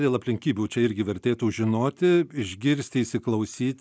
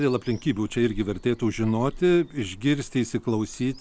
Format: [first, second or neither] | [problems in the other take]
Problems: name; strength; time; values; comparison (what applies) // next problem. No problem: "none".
first | background sound (Bird vocalization, bird call, bird song); 18 dB below the speech